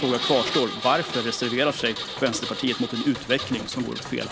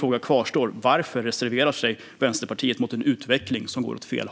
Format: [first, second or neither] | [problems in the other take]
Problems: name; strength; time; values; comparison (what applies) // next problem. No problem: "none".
second | background sound (Engine); 6 dB below the speech